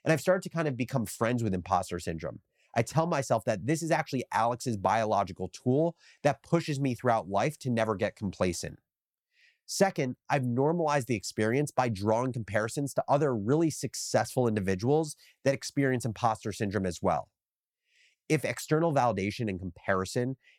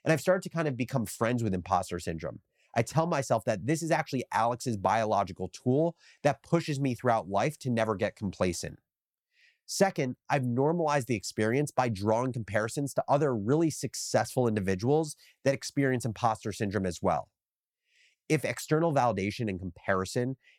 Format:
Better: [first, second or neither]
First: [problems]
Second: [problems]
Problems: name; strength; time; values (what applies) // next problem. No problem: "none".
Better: neither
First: none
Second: none